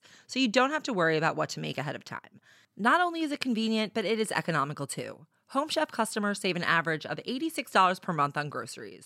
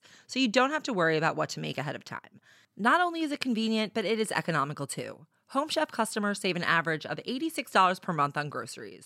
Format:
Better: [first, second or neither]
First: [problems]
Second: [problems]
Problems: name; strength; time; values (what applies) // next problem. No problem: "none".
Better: neither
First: none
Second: none